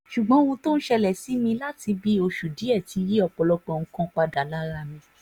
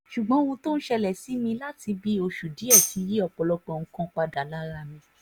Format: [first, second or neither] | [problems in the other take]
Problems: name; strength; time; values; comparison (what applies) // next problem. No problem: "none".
first | background sound (Tambourine); 3 dB above the speech